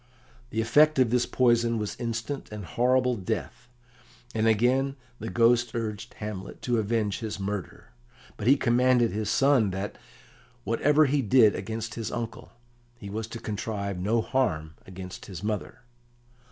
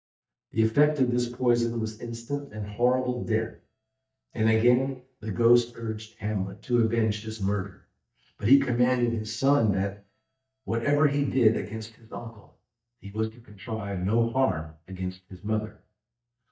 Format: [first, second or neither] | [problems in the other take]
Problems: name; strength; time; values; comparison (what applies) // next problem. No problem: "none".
first | noise reduction (neural mask model DeepFilterNet 3)